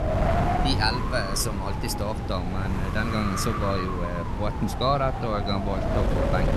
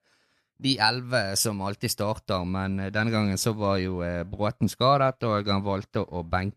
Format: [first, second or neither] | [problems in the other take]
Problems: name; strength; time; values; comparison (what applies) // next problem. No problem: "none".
second | wind noise on the microphone; heavy; 2 dB below the speech